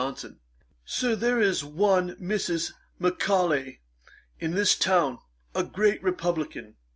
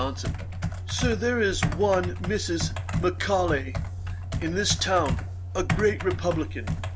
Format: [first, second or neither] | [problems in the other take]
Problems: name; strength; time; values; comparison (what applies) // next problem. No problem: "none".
first | background sound (Computer keyboard); 2 dB below the speech